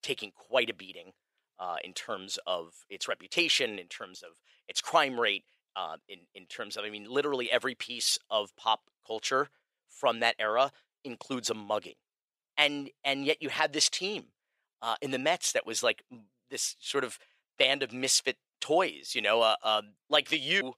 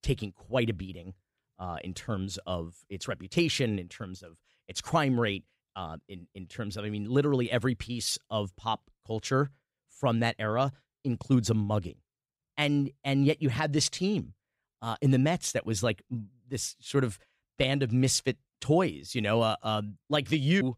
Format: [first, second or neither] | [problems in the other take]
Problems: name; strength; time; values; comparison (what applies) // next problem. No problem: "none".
second | thin; very; fading below 600 Hz